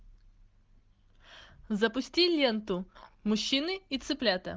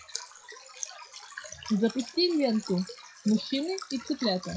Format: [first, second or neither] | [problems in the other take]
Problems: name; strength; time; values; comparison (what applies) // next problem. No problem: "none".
first | noise reduction (classical method WPE with log-MMSE)